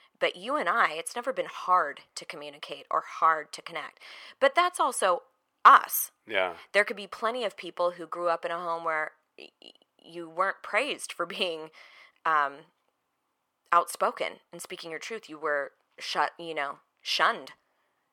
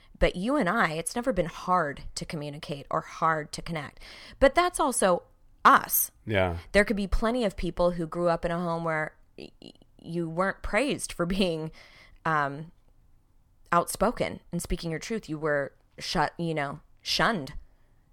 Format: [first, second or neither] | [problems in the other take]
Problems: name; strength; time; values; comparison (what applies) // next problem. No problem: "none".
second | thin; very; fading below 450 Hz